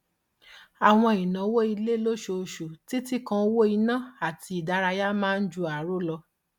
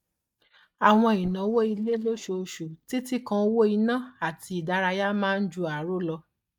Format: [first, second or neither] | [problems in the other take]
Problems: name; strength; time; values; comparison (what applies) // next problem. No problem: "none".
first | noise reduction (neural mask model DeepFilterNet 3)